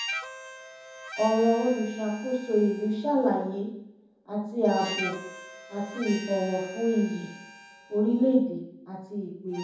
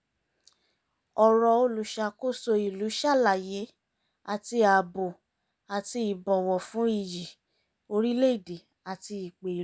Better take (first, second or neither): second